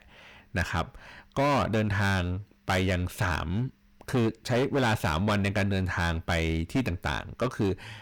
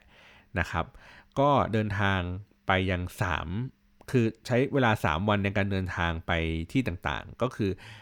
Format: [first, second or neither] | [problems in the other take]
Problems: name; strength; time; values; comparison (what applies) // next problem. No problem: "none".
second | distortion; heavy; 12% of the sound clipped